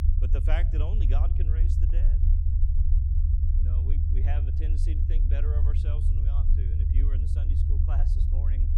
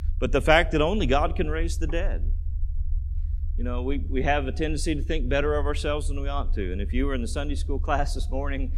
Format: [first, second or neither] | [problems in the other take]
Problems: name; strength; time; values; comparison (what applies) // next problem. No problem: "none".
second | low rumble; loud; throughout; as loud as the speech; faint in the second